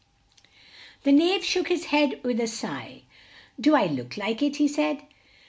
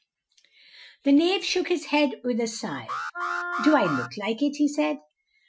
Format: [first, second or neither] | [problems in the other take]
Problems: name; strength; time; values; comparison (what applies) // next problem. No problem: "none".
first | noise reduction (classical method Wiener filter)